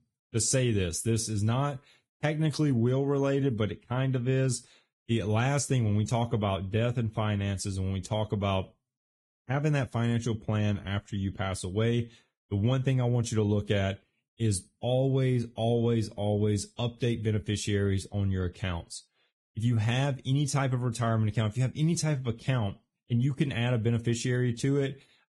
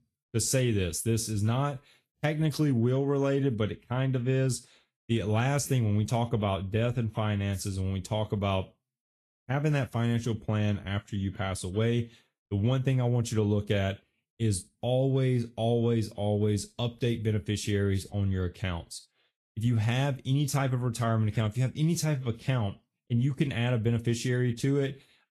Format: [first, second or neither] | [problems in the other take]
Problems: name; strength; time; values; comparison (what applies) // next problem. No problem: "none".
second | garbled, watery; badly; nothing above 10.5 kHz; slightly in the second